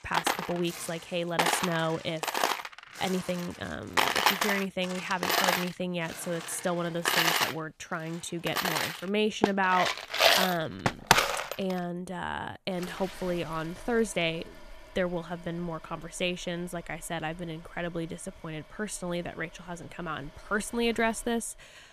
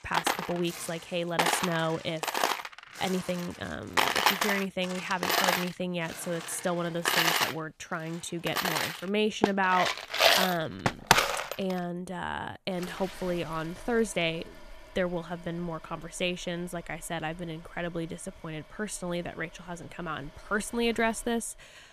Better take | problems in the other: neither | household noises; very loud; throughout; 4 dB above the speech; the same in both

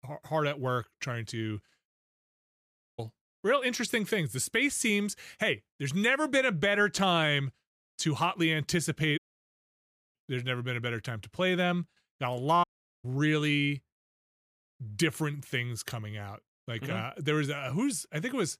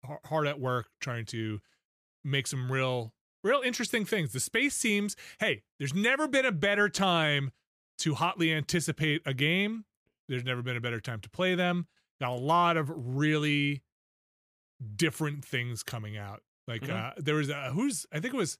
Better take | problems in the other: second | audio cutting out; at 2 s for 1 s, at 9 s for 1 s and at 13 s

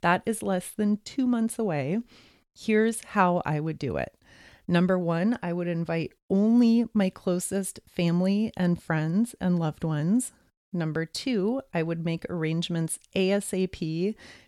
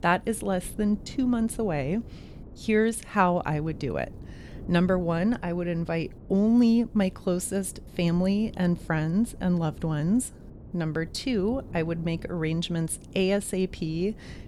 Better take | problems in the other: first | wind noise on the microphone; occasional gusts; 20 dB below the speech

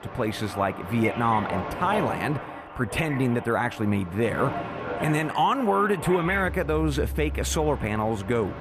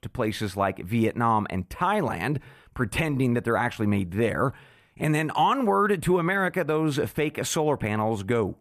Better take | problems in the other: second | train or aircraft noise; loud; throughout; 8 dB below the speech

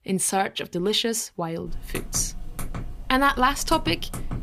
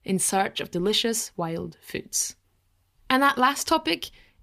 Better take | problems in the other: second | keyboard typing; noticeable; from 1.5 s on; peak 10 dB below the speech

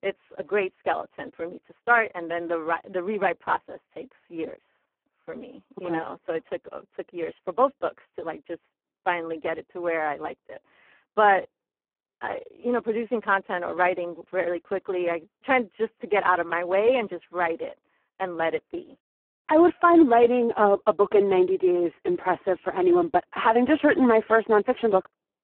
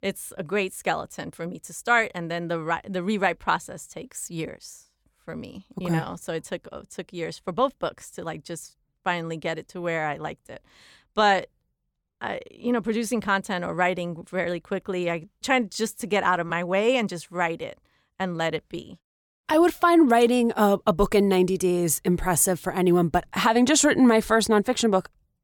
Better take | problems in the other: second | phone-call audio; poor line

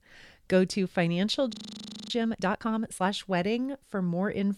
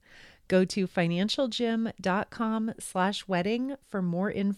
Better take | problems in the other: second | audio freezing; at 1.5 s for 0.5 s

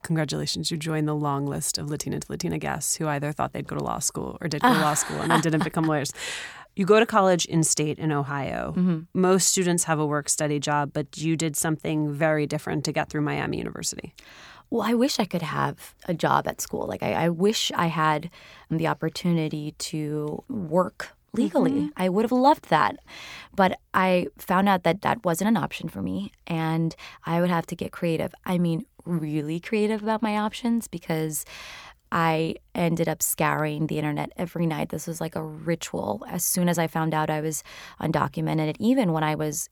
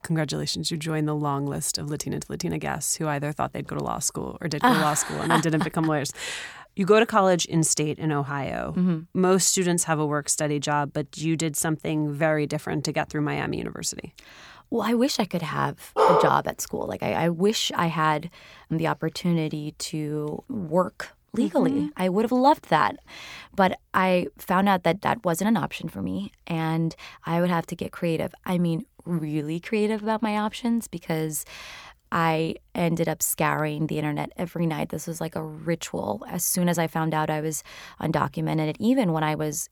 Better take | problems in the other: first | dog barking; loud; at 16 s; peak 6 dB above the speech

